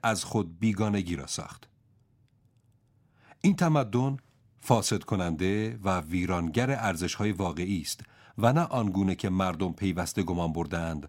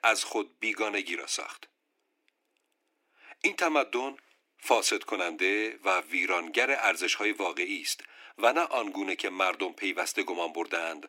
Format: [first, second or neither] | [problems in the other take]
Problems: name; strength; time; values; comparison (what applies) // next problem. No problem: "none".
first | thin; very; fading below 300 Hz